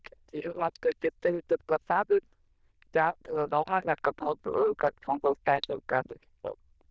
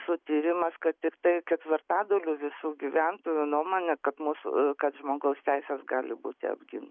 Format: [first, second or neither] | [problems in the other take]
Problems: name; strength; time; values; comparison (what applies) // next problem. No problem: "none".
second | noise reduction (neural diffusion model UNIVERSE++)